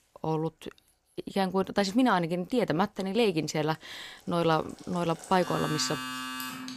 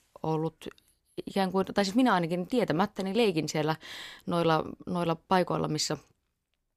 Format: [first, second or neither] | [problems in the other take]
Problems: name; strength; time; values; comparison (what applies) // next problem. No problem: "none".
second | household noises; loud; throughout; 8 dB below the speech